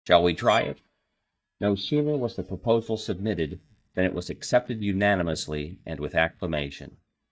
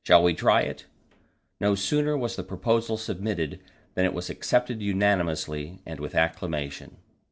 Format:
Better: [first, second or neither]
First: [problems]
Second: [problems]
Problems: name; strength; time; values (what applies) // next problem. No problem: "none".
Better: second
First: noise reduction (neural mask model DeepFilterNet 3)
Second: none